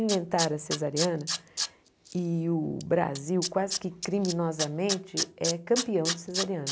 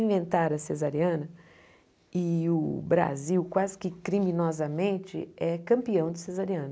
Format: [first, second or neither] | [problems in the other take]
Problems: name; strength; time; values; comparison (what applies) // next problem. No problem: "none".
second | background sound (Tools); 6 dB below the speech